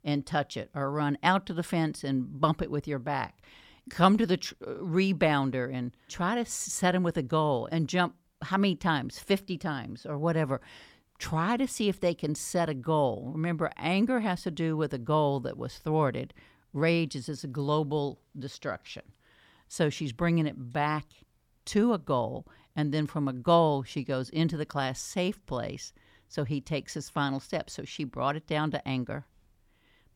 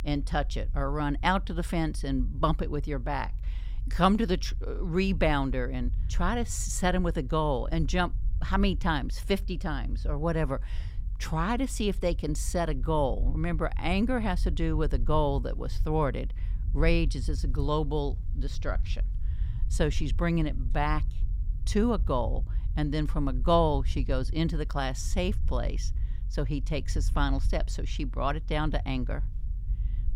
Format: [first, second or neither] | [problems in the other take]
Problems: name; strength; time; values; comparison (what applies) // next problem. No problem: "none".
first | low rumble; faint; throughout; 25 dB below the speech